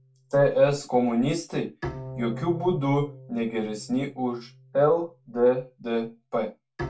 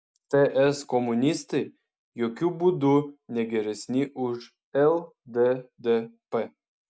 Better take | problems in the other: second | background sound (Bowed string instrument); 15 dB below the speech // room echo; dies away in 0.2 s

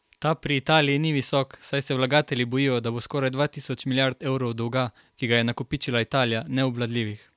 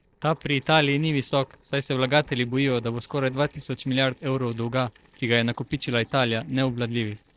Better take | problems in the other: first | noise reduction (neural separator model SepFormer DNS4)

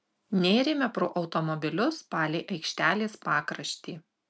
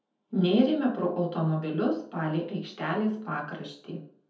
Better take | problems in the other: first | room echo; dies away in 0.5 s

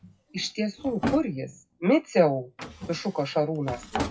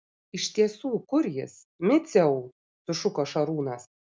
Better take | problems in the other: second | noise reduction (classical method WPE with log-MMSE)

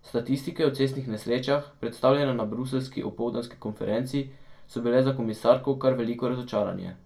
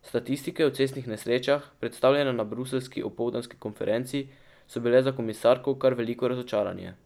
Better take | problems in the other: second | room echo; dies away in 0.2 s

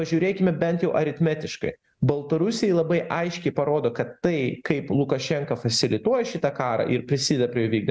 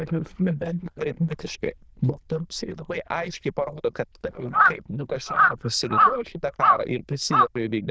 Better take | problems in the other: first | noise reduction (neural diffusion model UNIVERSE++)

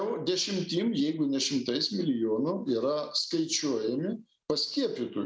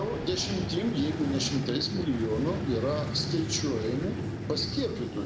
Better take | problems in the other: first | background sound (Vehicle); 3 dB below the speech

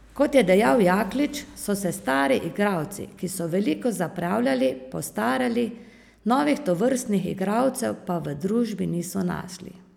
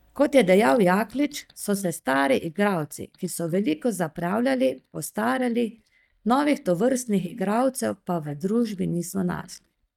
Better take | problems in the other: first | noise reduction (neural mask model DeepFilterNet 3)

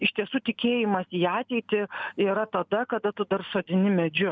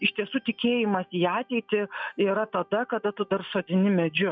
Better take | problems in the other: first | noise reduction (classical method log-MMSE)

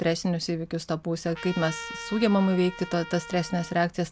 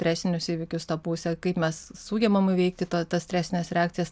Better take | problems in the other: second | background sound (Trumpet); 14 dB below the speech

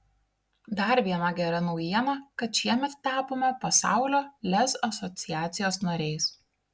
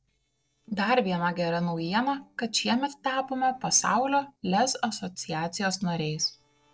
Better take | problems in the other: first | noise reduction (neural separator model SepFormer DNS4)

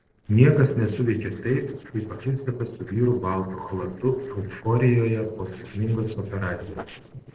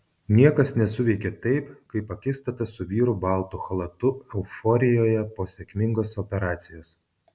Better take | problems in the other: second | noise reduction (neural separator model SepFormer DNS4)

